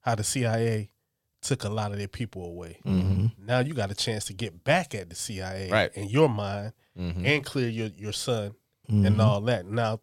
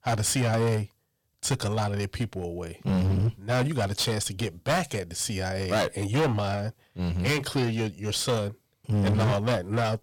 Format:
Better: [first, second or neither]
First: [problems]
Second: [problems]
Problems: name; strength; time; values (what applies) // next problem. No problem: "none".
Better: first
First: none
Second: distortion; heavy; 15% of the sound clipped